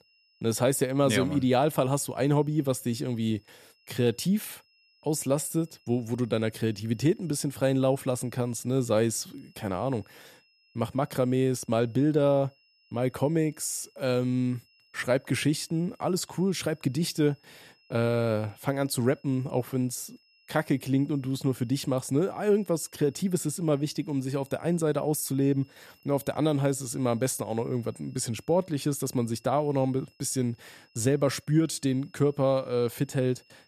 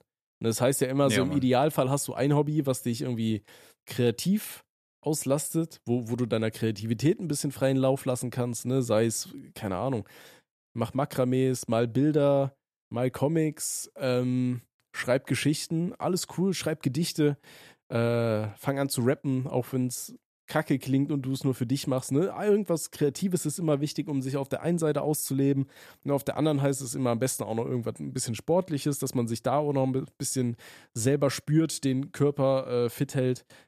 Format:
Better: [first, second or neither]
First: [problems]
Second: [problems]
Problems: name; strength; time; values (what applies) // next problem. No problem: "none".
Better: second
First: high-pitched whine; faint; throughout; 5 kHz, 35 dB below the speech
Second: none